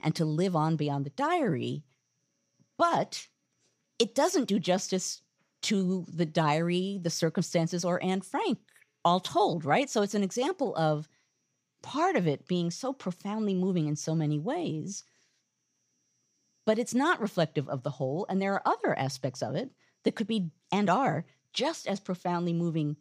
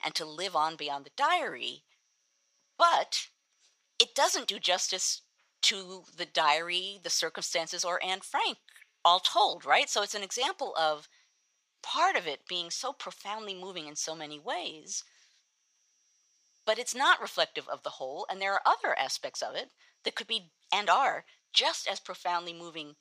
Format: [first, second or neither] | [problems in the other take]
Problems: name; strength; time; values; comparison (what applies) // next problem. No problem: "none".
first | thin; very; fading below 900 Hz